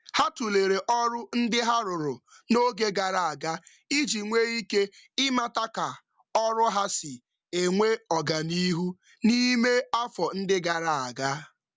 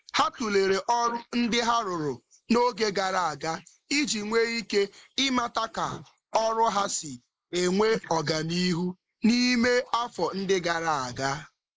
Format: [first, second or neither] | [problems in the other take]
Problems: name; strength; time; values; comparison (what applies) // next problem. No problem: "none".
first | noise reduction (neural mask model Resemble Enhance denoiser)